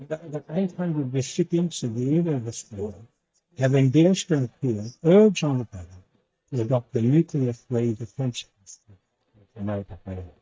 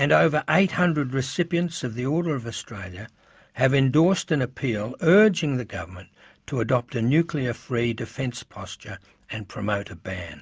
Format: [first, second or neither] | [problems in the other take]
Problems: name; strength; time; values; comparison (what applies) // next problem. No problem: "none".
second | noise reduction (neural mask model DeepFilterNet 3)